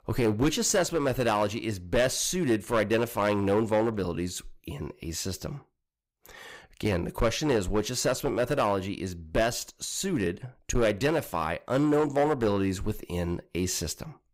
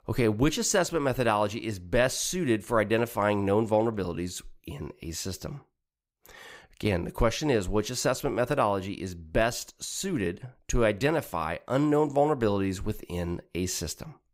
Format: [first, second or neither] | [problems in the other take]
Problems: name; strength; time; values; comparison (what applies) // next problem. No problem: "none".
second | distortion; slight; 4% of the sound clipped